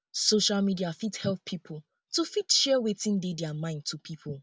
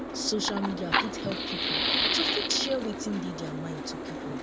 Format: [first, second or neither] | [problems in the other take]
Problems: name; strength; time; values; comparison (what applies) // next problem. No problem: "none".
first | background sound (Fire + Boat, Water vehicle); 3 dB above the speech